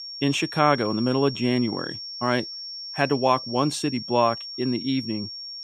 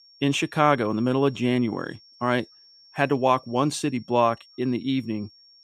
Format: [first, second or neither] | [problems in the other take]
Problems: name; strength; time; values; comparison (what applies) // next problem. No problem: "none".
second | high-pitched whine; loud; throughout; 5.5 kHz, 9 dB below the speech; faint in the second